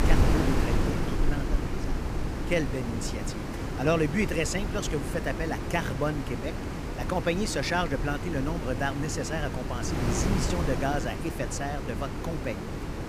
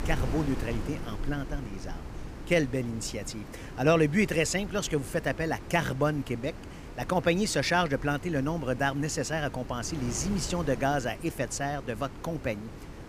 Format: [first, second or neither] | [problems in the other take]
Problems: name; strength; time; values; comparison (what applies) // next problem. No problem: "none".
second | wind noise on the microphone; heavy; 4 dB below the speech; occasional gusts in the second